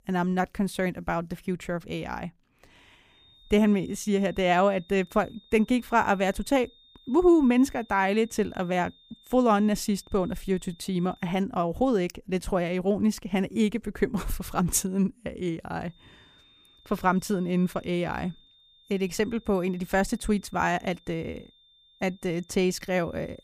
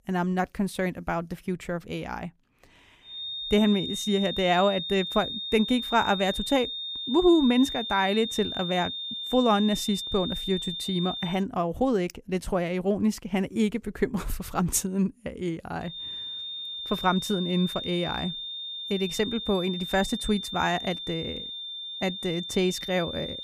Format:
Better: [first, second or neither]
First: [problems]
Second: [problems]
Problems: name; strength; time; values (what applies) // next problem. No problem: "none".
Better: first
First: high-pitched whine; faint; from 3 to 11 s and from 16 s on; 3.5 kHz, 30 dB below the speech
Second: high-pitched whine; loud; from 3 to 11 s and from 16 s on; 3.5 kHz, 5 dB below the speech